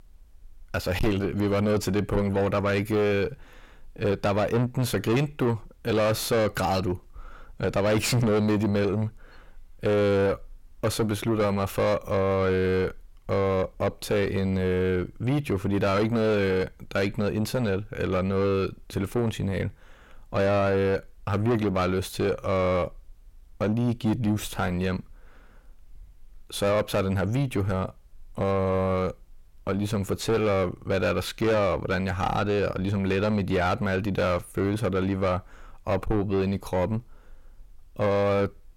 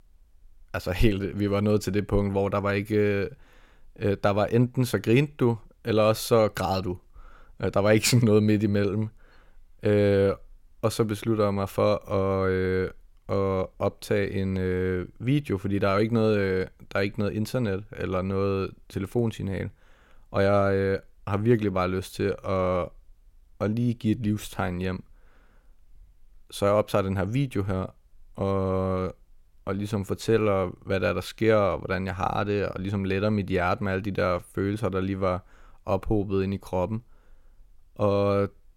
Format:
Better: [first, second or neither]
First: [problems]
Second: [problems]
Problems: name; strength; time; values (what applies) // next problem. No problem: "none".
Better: second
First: distortion; heavy; 7 dB below the speech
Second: none